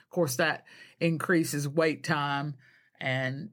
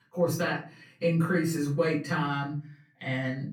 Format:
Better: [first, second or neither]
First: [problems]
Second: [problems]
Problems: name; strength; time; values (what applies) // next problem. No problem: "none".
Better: first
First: none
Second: room echo; slight; dies away in 0.4 s // off-mic speech; far